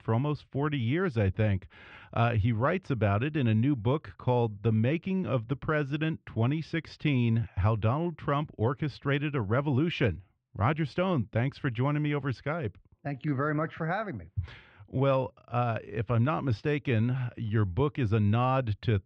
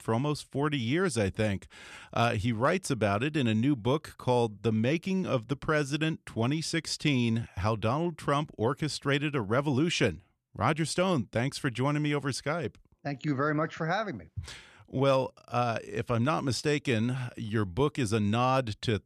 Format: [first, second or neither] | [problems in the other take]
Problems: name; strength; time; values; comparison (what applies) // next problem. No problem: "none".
second | muffled; very; fading above 3 kHz